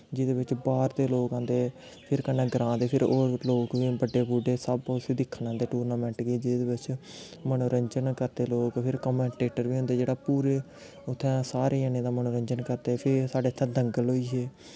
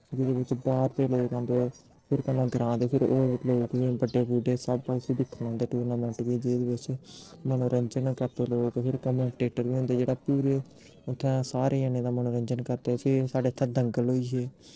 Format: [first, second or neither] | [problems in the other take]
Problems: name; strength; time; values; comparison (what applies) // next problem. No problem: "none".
first | noise reduction (neural separator model SepFormer DNS4)